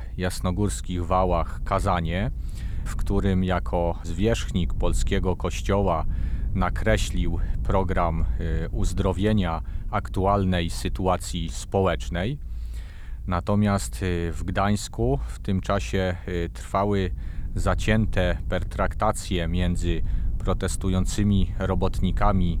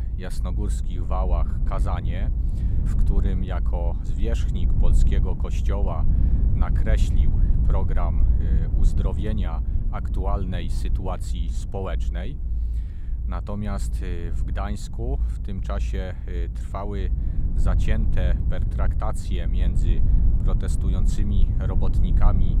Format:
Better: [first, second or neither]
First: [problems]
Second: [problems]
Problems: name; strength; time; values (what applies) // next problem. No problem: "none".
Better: first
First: low rumble; faint; throughout; 25 dB below the speech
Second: low rumble; loud; throughout; 6 dB below the speech